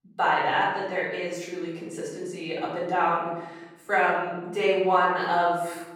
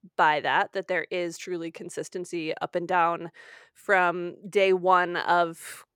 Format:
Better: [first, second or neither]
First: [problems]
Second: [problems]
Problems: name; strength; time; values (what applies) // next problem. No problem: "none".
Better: second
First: off-mic speech; far // room echo; noticeable; dies away in 1 s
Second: none